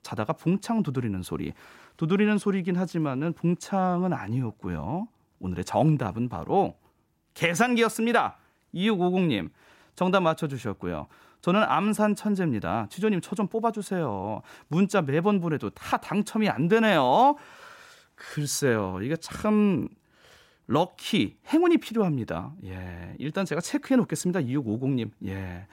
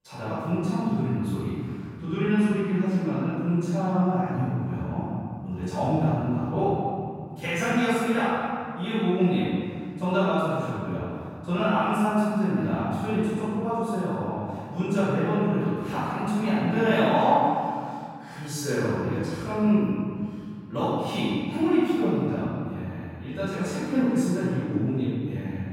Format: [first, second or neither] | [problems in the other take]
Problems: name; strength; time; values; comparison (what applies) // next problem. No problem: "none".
first | room echo; strong; dies away in 2.4 s // off-mic speech; far